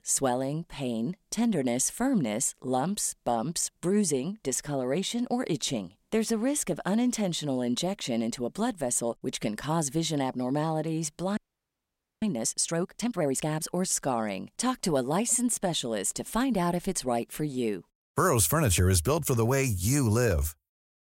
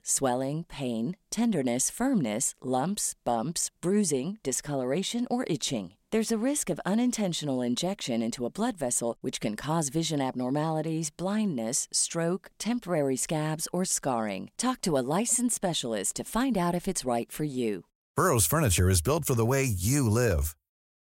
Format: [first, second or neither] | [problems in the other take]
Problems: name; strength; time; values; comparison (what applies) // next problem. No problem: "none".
second | audio freezing; at 11 s for 1 s